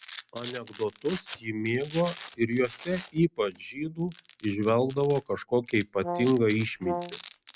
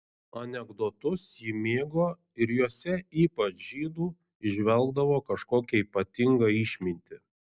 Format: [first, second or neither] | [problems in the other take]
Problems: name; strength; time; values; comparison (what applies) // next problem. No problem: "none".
second | background sound (Brass instrument + Domestic sounds, home sounds); 13 dB below the speech